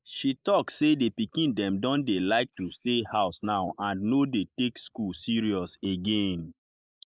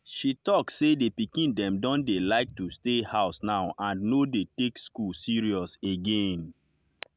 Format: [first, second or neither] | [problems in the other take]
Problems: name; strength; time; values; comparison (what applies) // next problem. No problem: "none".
second | noise reduction (neural mask model Resemble Enhance denoiser)